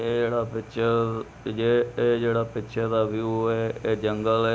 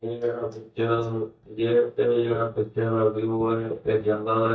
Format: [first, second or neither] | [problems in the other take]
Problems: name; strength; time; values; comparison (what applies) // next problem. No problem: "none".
first | noise reduction (neural mask model DeepFilterNet 3)